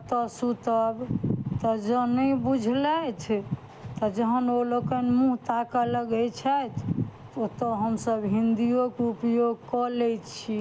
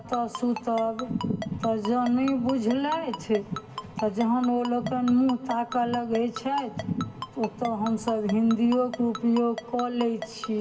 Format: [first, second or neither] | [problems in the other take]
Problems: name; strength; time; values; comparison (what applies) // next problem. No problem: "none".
first | background sound (Ringtone); 14 dB below the speech // room echo; dies away in 1.6 s